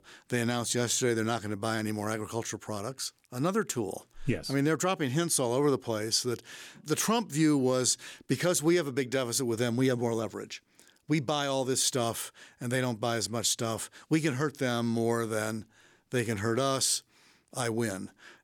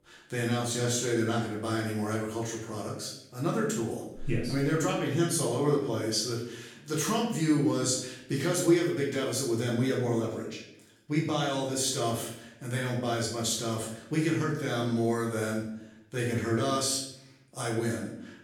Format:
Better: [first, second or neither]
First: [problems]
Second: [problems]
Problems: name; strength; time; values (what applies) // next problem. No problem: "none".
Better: first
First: none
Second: off-mic speech; far // room echo; noticeable; dies away in 0.7 s